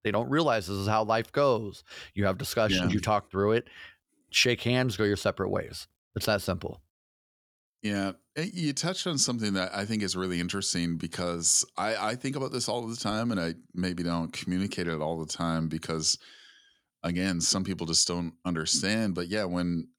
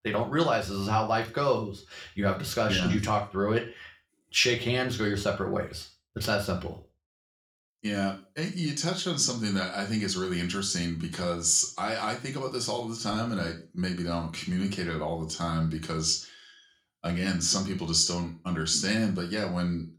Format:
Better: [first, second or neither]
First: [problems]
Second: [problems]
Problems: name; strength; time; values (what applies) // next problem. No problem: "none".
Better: first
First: none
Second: room echo; slight; dies away in 0.4 s // off-mic speech; somewhat distant